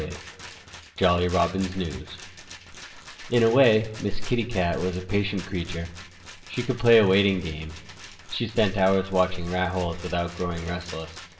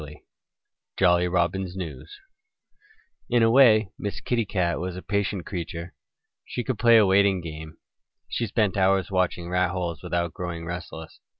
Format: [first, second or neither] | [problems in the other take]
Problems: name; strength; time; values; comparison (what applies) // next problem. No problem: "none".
second | background sound (Rattle); 18 dB below the speech // room echo; dies away in 1.6 s